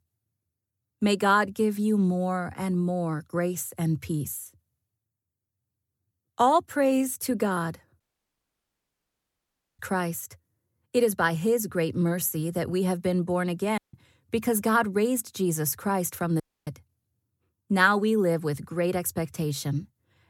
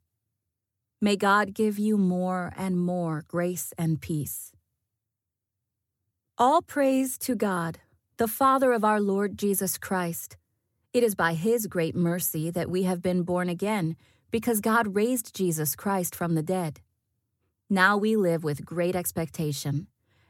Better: second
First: audio cutting out; at 8 s for 2 s, at 14 s and at 16 s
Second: none

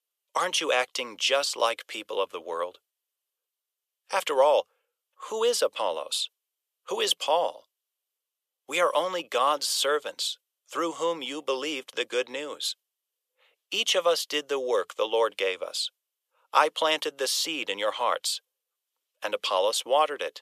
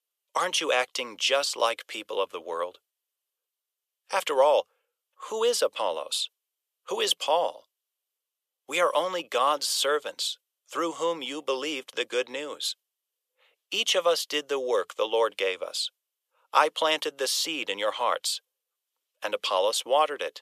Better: neither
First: thin; very; fading below 500 Hz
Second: thin; very; fading below 500 Hz

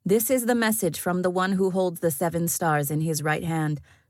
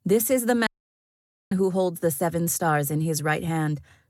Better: first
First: none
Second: audio cutting out; at 0.5 s for 1 s

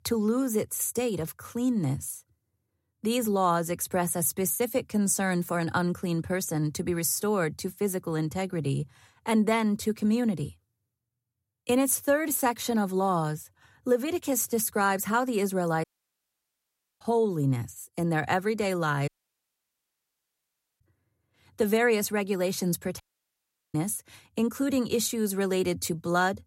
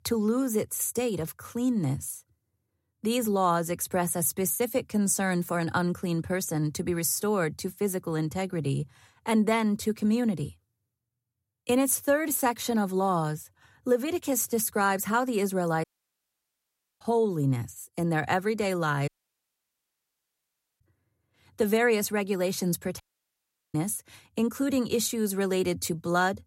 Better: neither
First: audio cutting out; at 16 s for 1 s, at 19 s for 1.5 s and at 23 s for 0.5 s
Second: audio cutting out; at 16 s for 1 s, at 19 s for 1.5 s and at 23 s for 0.5 s

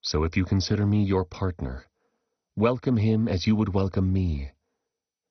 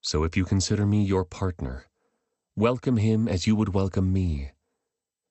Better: second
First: garbled, watery; badly; nothing above 6 kHz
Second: garbled, watery; slightly; nothing above 8 kHz

